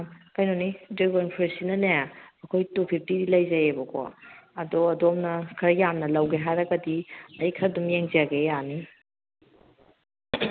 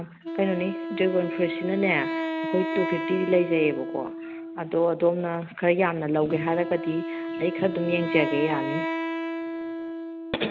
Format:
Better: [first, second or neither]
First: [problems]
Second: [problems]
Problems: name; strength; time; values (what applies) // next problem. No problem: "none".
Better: first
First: none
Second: background sound (Wind instrument, woodwind instrument); 5 dB below the speech